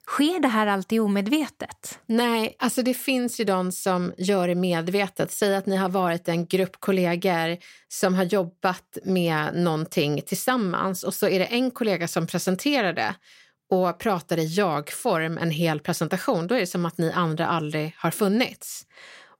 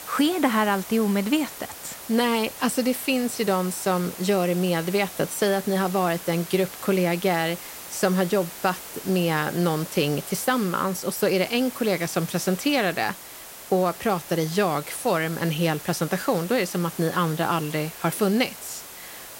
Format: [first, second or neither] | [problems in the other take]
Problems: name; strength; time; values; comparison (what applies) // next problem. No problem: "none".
first | hiss; noticeable; throughout; 15 dB below the speech